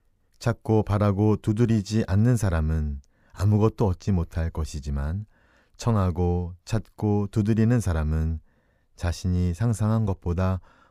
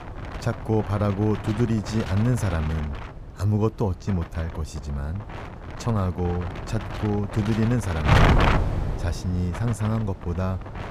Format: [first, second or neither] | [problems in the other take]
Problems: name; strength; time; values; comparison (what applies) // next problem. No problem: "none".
first | wind noise on the microphone; heavy; 1 dB above the speech